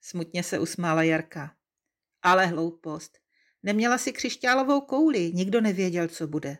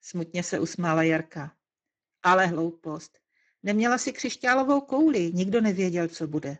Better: first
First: none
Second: garbled, watery; badly; nothing above 7.5 kHz

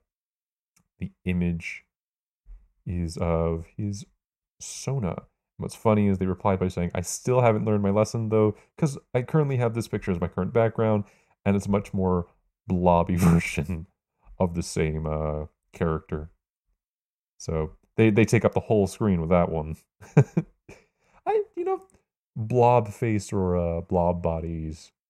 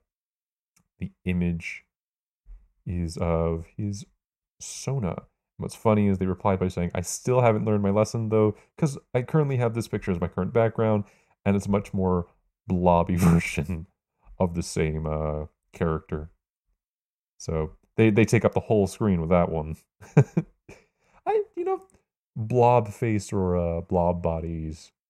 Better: neither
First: none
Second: none

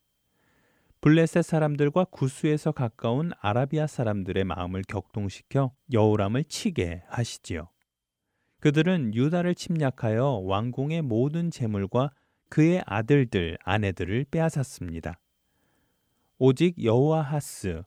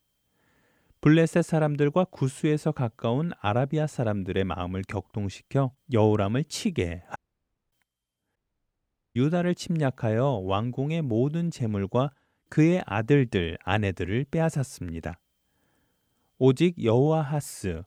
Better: first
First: none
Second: audio cutting out; at 7 s for 0.5 s and at 8.5 s for 1 s

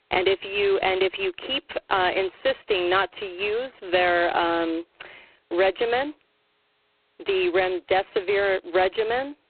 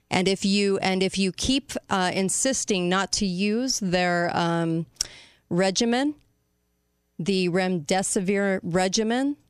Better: second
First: phone-call audio; poor line; nothing above 4 kHz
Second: none

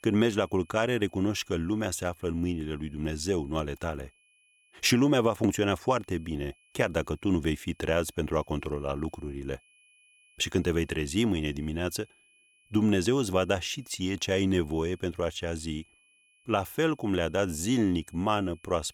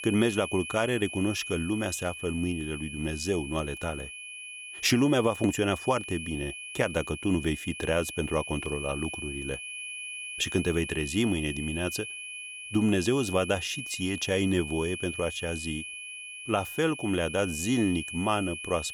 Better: first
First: high-pitched whine; faint; throughout; 2.5 kHz, 30 dB below the speech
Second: high-pitched whine; loud; throughout; 2.5 kHz, 8 dB below the speech

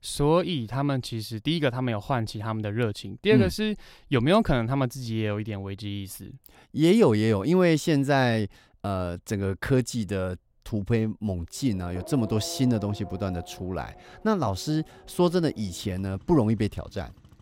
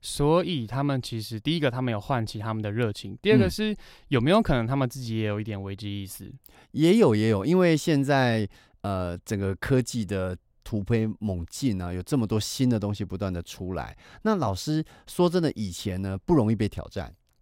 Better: second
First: traffic noise; noticeable; from 12 s on; 20 dB below the speech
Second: none

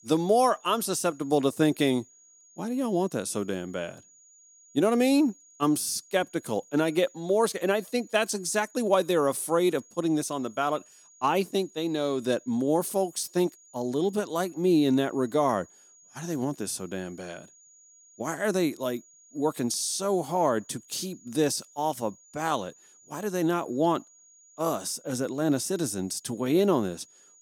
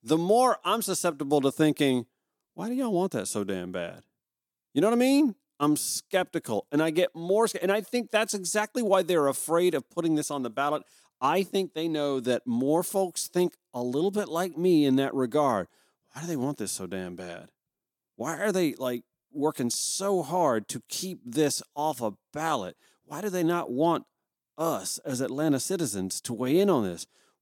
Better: second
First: high-pitched whine; faint; throughout; 6.5 kHz, 25 dB below the speech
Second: none

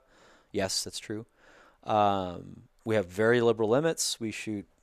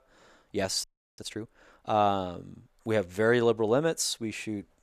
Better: first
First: none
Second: audio freezing; at 1 s

